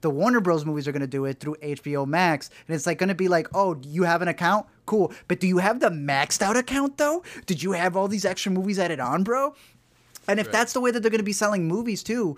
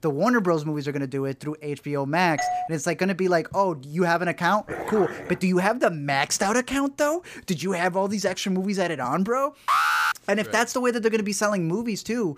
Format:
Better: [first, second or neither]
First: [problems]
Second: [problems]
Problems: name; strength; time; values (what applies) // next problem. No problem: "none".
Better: first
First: none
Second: doorbell; noticeable; at 2.5 s; peak 3 dB below the speech // dog barking; noticeable; at 4.5 s; peak 8 dB below the speech // alarm; loud; at 9.5 s; peak 4 dB above the speech